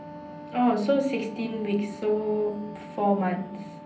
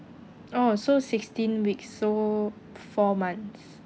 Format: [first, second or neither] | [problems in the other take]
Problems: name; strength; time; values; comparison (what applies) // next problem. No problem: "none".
second | background sound (Wind instrument, woodwind instrument); 16 dB below the speech // room echo; dies away in 0.6 s